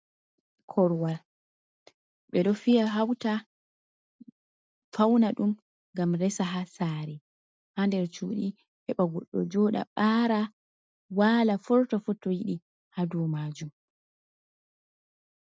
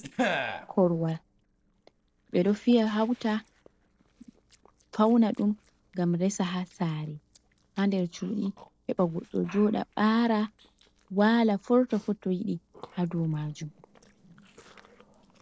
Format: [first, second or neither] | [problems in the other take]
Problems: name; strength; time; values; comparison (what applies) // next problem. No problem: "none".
first | noise reduction (neural separator model SepFormer DNS4)